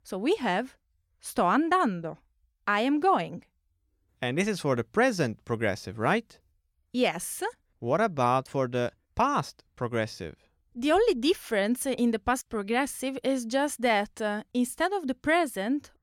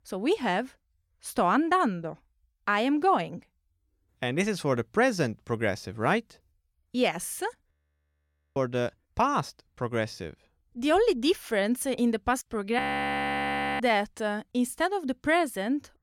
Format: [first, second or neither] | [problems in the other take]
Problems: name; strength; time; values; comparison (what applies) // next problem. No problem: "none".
first | audio freezing; at 7.5 s for 1 s and at 13 s for 1 s